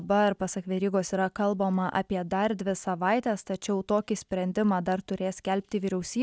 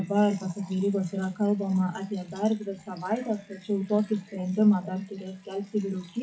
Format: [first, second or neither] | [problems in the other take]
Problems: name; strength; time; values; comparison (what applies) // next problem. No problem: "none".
first | noise reduction (classical method WPE with log-MMSE)